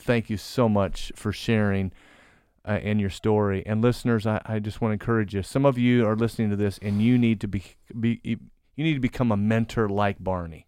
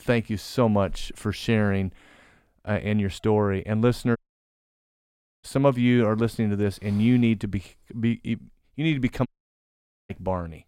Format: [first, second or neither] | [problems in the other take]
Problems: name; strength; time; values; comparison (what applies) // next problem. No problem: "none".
first | audio cutting out; at 4 s for 1.5 s and at 9.5 s for 1 s